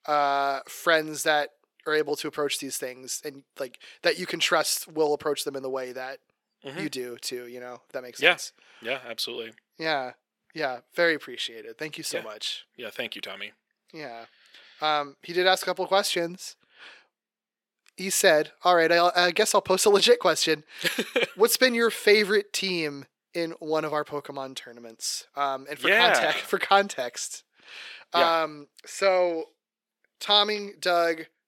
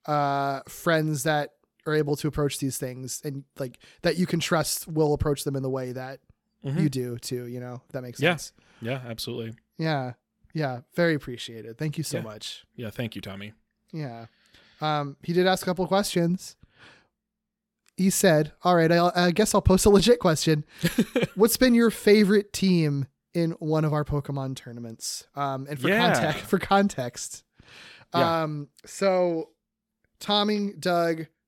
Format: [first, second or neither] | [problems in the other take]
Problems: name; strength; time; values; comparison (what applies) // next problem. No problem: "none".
second | thin; somewhat; fading below 450 Hz